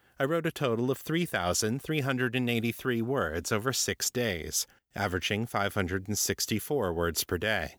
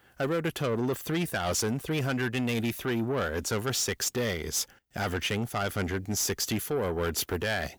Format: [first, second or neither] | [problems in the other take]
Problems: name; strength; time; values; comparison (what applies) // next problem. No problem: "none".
first | distortion; slight; 10 dB below the speech